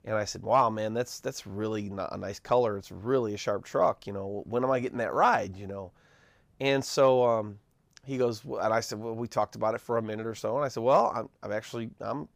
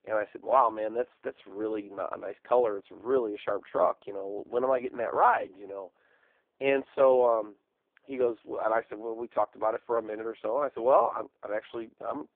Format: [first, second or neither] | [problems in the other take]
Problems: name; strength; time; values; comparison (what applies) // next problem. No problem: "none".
first | phone-call audio; poor line